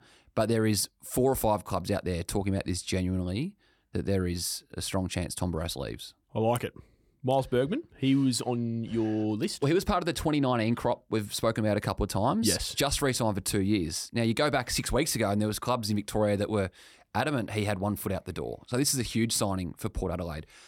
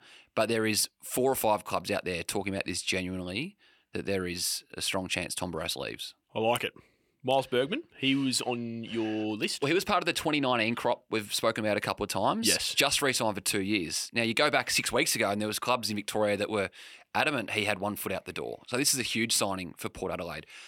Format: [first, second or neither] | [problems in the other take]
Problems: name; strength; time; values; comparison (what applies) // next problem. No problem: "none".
first | thin; very slightly; fading below 750 Hz